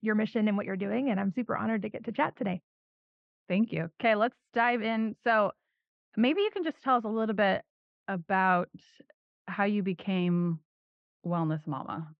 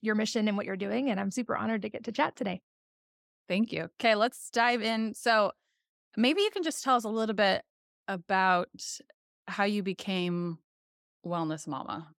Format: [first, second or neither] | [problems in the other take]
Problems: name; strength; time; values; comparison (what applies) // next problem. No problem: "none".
second | muffled; very; fading above 2.5 kHz